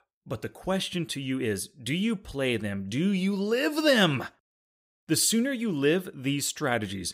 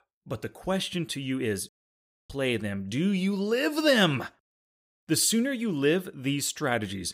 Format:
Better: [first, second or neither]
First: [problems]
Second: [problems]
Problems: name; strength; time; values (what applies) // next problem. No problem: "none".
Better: first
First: none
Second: audio cutting out; at 1.5 s for 0.5 s